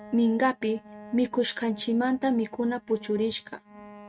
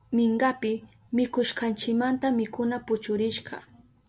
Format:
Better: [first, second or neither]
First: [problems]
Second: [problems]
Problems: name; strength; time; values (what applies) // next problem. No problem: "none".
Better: second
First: noise reduction (neural mask model RNNoise)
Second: none